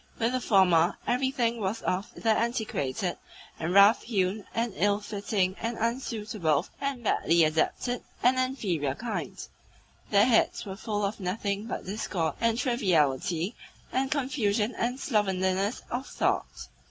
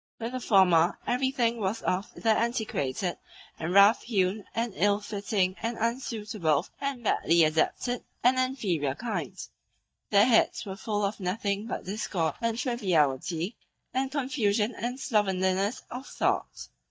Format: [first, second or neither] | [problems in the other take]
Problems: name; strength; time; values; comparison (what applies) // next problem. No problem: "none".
first | noise reduction (neural mask model DeepFilterNet 3)